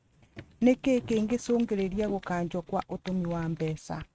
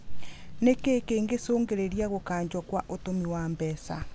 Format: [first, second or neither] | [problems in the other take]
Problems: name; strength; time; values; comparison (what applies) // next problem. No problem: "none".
second | noise reduction (neural mask model RNNoise)